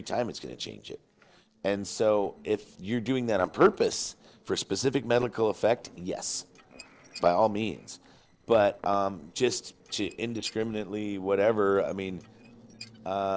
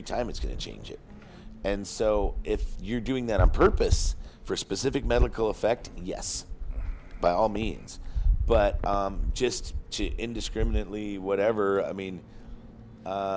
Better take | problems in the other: second | noise reduction (neural separator model SepFormer DNS4)

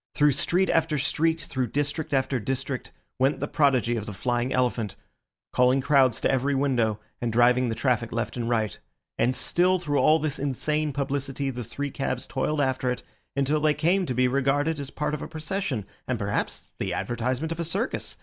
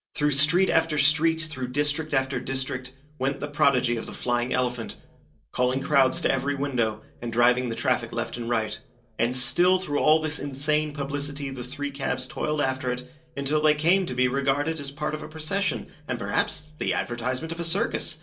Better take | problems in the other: first | background sound (Telephone); 12 dB below the speech // room echo; dies away in 0.2 s

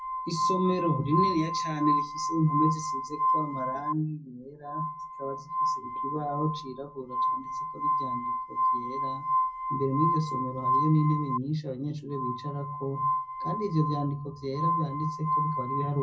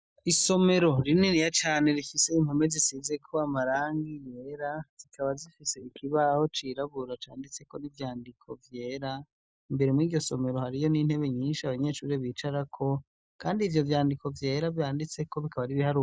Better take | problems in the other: second | background sound (Glass); 1 dB above the speech // room echo; dies away in 0.4 s

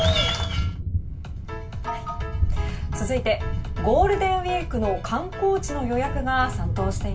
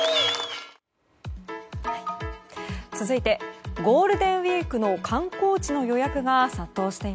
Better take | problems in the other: second | background sound (Thunder); 1 dB below the speech // room echo; dies away in 0.2 s

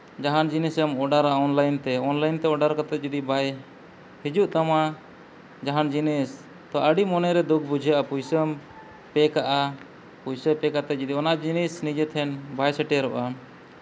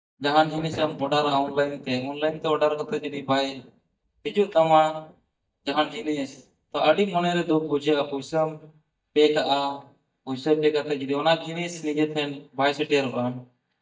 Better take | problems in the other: first | noise reduction (neural mask model DeepFilterNet 3)

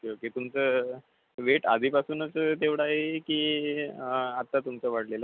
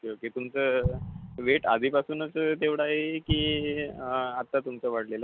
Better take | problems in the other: first | background sound (Explosion); 8 dB below the speech

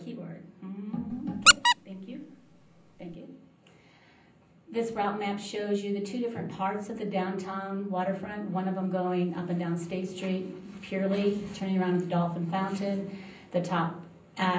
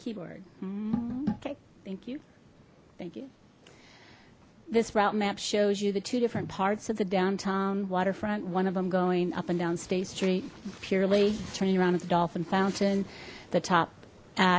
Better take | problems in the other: second | background sound (Squeak); 5 dB above the speech // room echo; dies away in 0.6 s

